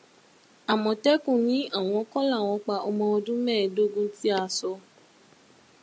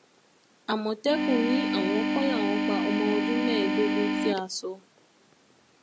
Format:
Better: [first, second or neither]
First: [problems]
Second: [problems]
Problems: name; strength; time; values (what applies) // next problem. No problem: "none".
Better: first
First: none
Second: background sound (Organ); 4 dB above the speech